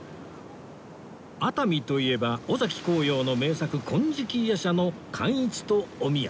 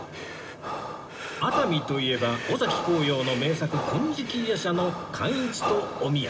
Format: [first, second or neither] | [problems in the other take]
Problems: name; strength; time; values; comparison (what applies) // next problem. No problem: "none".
first | background sound (Breathing); 6 dB below the speech // room echo; dies away in 1.7 s